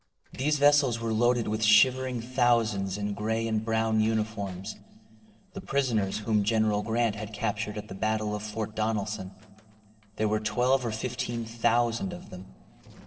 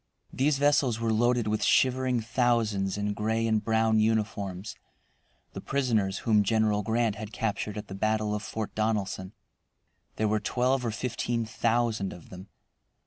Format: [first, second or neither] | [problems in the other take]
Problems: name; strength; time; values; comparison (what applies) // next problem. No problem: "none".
second | noise reduction (neural separator model SepFormer DNS4)